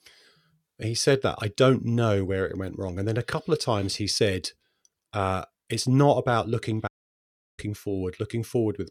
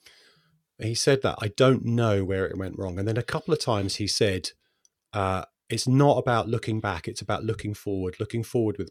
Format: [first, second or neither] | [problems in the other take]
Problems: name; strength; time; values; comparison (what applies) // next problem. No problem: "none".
second | audio cutting out; at 7 s for 0.5 s